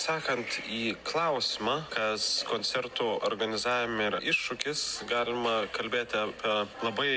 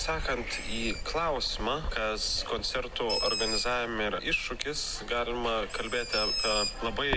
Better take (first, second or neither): first